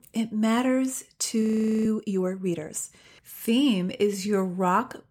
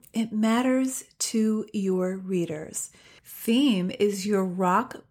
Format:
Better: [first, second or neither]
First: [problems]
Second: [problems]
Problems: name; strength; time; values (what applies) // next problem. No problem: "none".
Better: second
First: audio freezing; at 1.5 s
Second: none